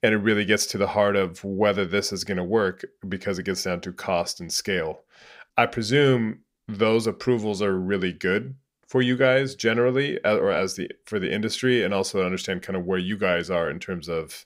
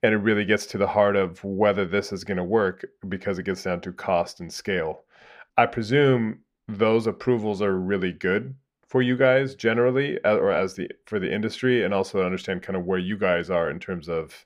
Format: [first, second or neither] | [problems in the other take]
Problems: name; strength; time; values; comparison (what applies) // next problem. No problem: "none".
first | muffled; slightly; fading above 3.5 kHz